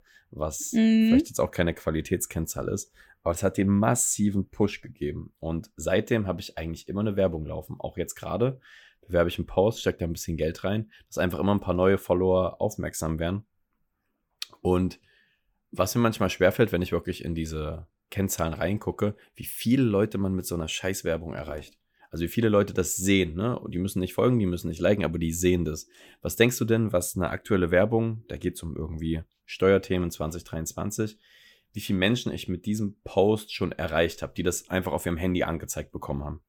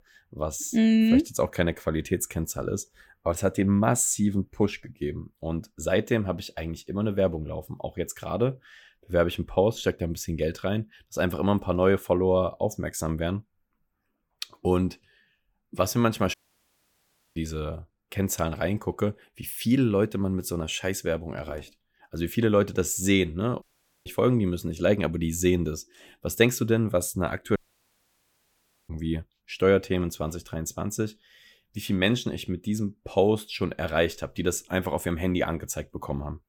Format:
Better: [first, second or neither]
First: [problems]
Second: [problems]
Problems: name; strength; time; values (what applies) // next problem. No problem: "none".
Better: first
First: none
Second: audio cutting out; at 16 s for 1 s, at 24 s and at 28 s for 1.5 s